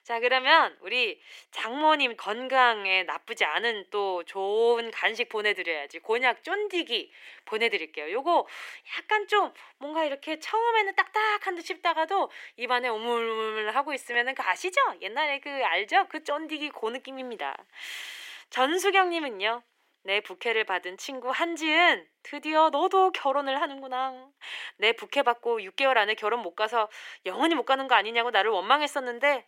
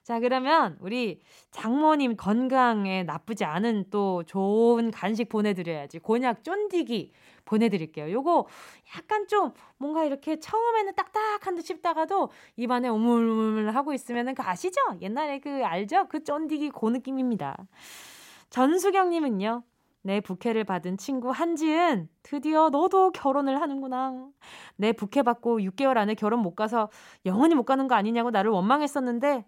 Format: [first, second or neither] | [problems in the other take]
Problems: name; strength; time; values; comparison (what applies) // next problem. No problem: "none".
second | thin; very; fading below 350 Hz